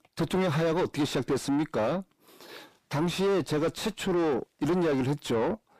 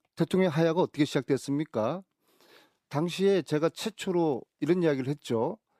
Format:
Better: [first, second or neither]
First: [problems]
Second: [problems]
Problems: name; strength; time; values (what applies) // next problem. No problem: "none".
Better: second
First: distortion; heavy; 5 dB below the speech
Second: none